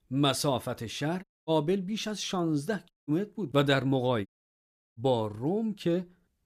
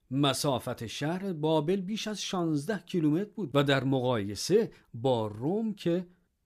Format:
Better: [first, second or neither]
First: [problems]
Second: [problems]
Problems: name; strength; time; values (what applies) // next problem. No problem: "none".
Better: second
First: audio cutting out; at 1 s, at 3 s and at 4.5 s for 0.5 s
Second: none